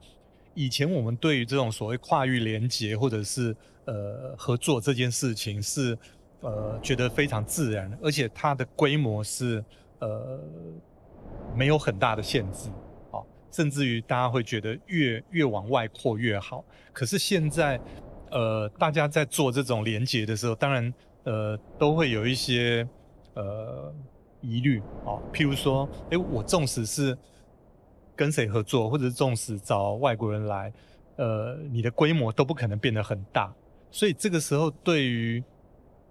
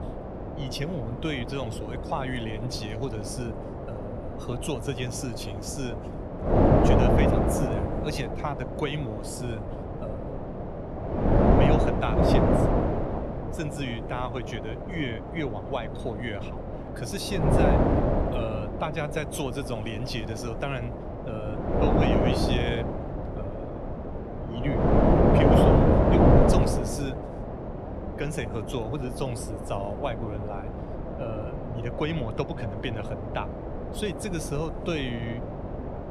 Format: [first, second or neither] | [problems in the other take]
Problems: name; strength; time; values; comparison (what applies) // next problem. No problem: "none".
first | wind noise on the microphone; heavy; 5 dB above the speech; occasional gusts in the first